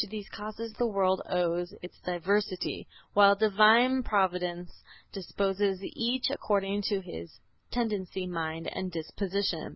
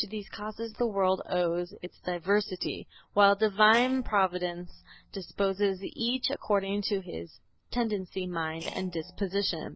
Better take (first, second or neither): first